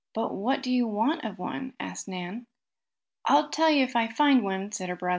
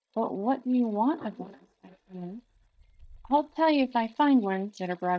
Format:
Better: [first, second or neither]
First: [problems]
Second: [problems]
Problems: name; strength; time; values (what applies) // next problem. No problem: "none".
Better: first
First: none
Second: noise reduction (neural mask model DeepFilterNet 3)